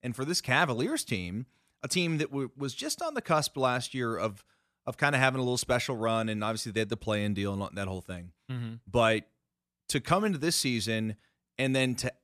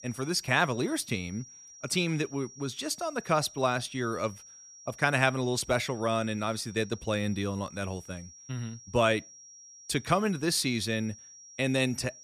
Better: first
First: none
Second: high-pitched whine; noticeable; throughout; 5.5 kHz, 20 dB below the speech

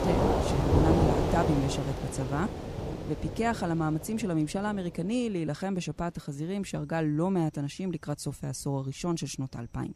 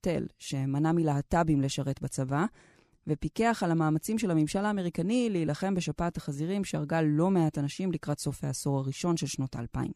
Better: second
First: rain or running water; very loud; throughout; 2 dB above the speech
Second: none

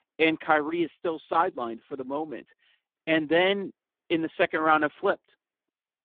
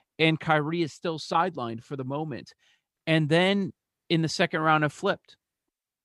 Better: second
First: phone-call audio; poor line; nothing above 3.5 kHz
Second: none

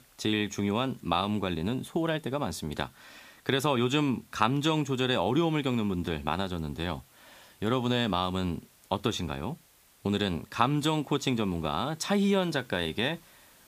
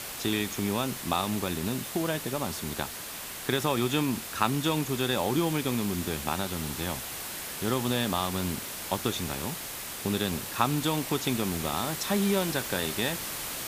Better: first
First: hiss; faint; throughout; 30 dB below the speech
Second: hiss; loud; throughout; 5 dB below the speech

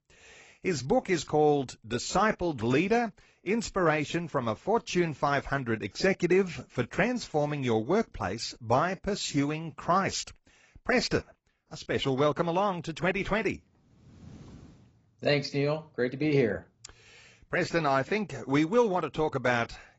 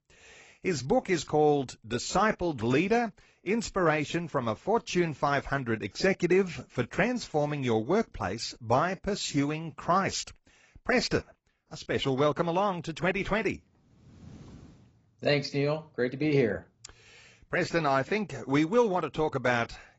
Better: neither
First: garbled, watery; badly; nothing above 7.5 kHz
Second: garbled, watery; badly; nothing above 7.5 kHz

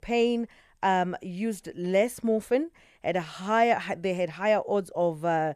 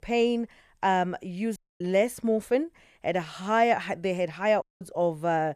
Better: first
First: none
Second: audio cutting out; at 1.5 s and at 4.5 s

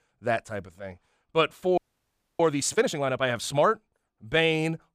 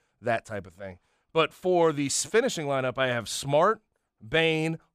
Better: second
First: audio freezing; at 2 s for 0.5 s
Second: none

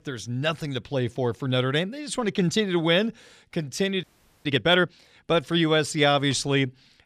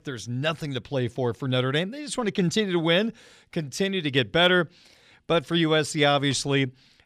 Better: second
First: audio freezing; at 4 s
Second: none

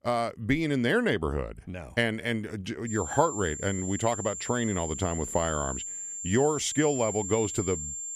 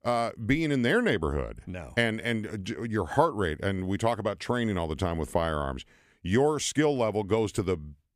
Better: second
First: high-pitched whine; loud; from 3 s on; 7.5 kHz, 6 dB below the speech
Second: none

